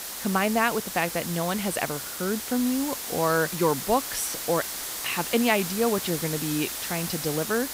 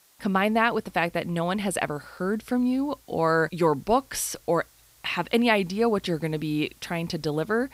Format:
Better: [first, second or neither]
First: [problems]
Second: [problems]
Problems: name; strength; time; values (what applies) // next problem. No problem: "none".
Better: second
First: hiss; loud; throughout; 4 dB below the speech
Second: hiss; faint; throughout; 30 dB below the speech